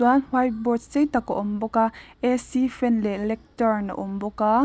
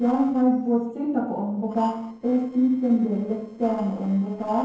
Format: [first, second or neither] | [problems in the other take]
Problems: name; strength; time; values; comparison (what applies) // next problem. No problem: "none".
first | noise reduction (neural separator model SepFormer DNS4)